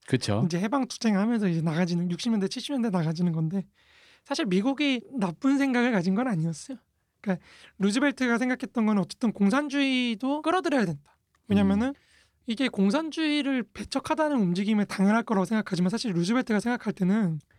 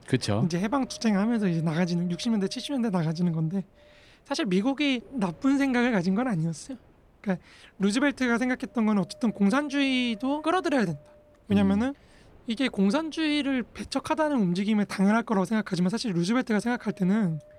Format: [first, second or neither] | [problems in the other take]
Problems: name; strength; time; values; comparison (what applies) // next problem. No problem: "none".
first | wind noise on the microphone; occasional gusts; 25 dB below the speech